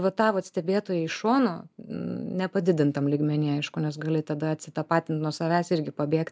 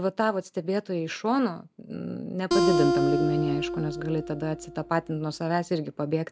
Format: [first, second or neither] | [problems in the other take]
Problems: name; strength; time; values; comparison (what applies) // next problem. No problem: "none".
first | background sound (Acoustic guitar); as loud as the speech